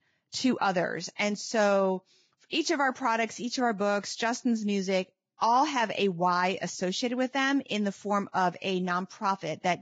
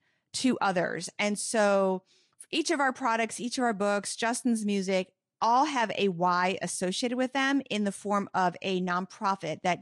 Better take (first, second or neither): second